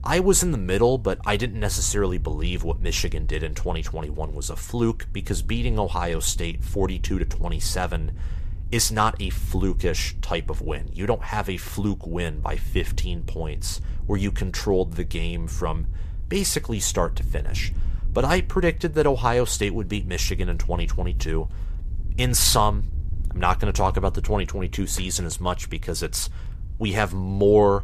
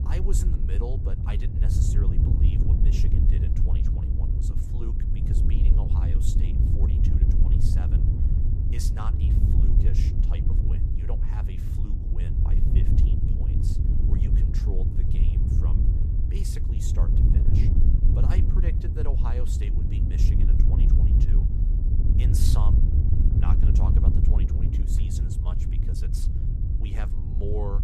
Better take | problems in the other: first | wind noise on the microphone; heavy; 3 dB above the speech; occasional gusts in the first

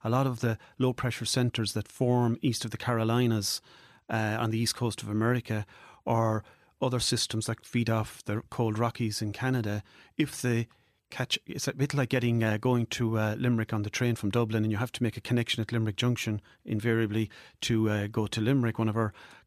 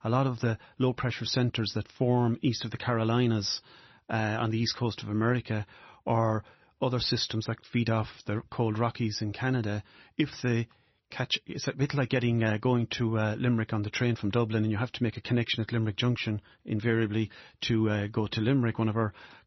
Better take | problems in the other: first | garbled, watery; slightly; nothing above 6 kHz

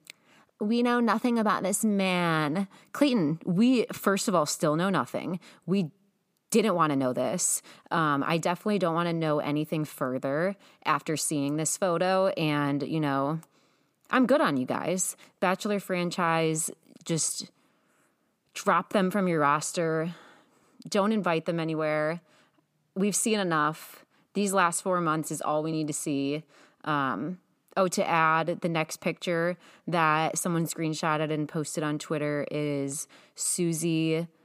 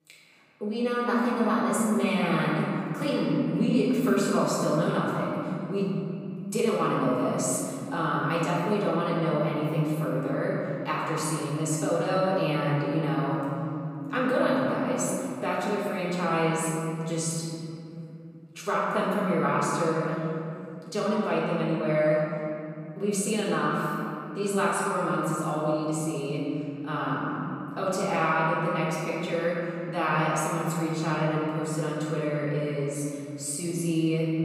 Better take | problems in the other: first | off-mic speech; far // room echo; strong; dies away in 2.8 s

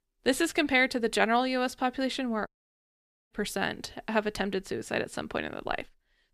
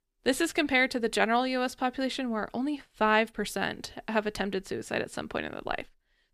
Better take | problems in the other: second | audio cutting out; at 2.5 s for 1 s

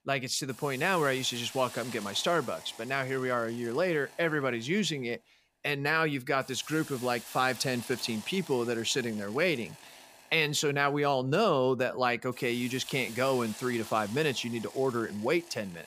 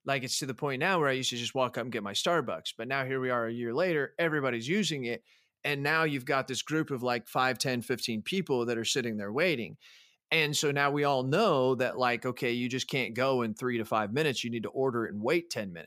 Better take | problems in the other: second | hiss; noticeable; throughout; 15 dB below the speech

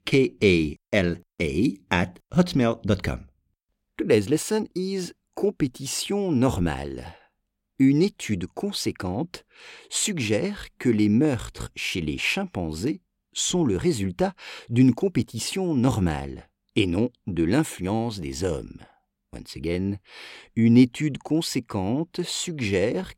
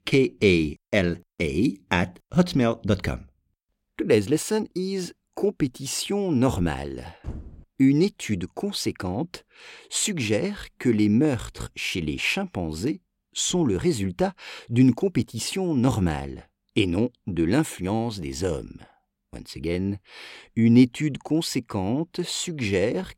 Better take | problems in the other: first | door banging; faint; at 7 s; peak 15 dB below the speech

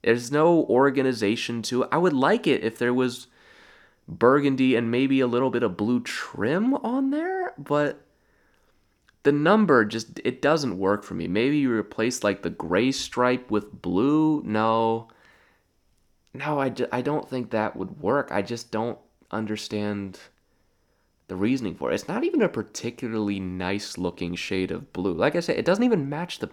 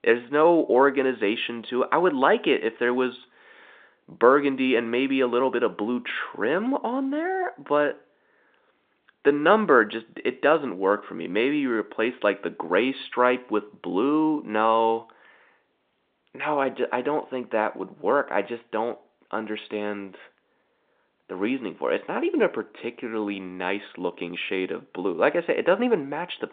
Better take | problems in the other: first | phone-call audio; nothing above 3.5 kHz

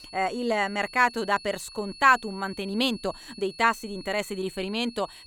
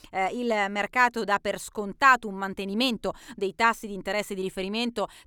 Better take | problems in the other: second | high-pitched whine; noticeable; throughout; 4.5 kHz, 15 dB below the speech

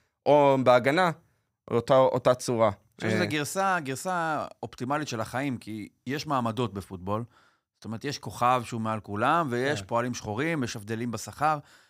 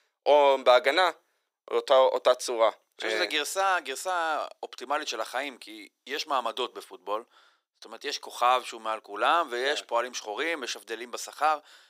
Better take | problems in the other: first | thin; very; fading below 350 Hz

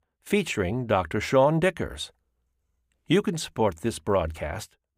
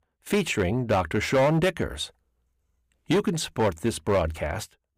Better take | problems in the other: first | distortion; slight; 6% of the sound clipped

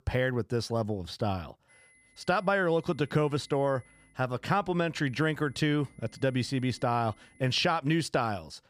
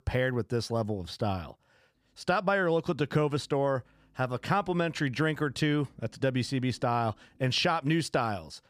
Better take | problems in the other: second | high-pitched whine; faint; from 1.5 to 4 s and from 5 to 7.5 s; 2 kHz, 30 dB below the speech

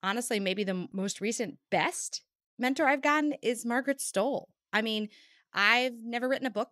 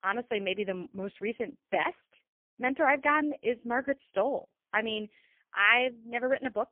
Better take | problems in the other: first | phone-call audio; poor line; nothing above 3 kHz

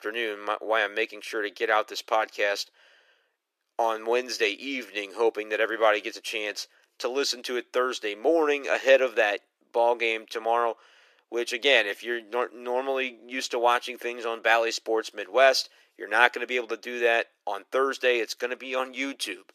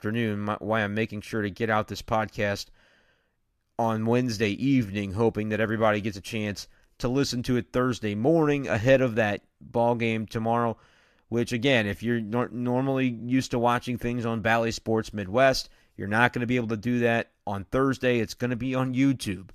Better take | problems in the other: second | thin; very; fading below 350 Hz

